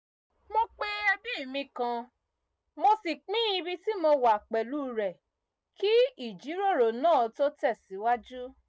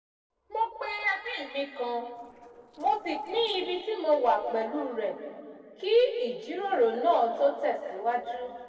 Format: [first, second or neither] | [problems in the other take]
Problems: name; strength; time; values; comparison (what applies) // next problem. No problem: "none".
first | noise reduction (neural separator model SepFormer DNS4)